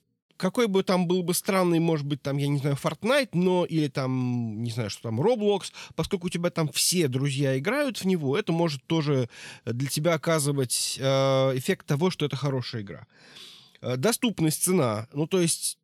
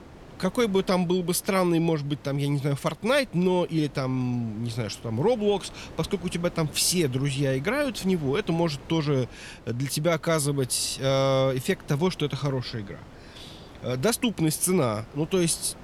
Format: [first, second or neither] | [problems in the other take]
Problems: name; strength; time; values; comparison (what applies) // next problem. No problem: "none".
first | wind noise on the microphone; occasional gusts; 20 dB below the speech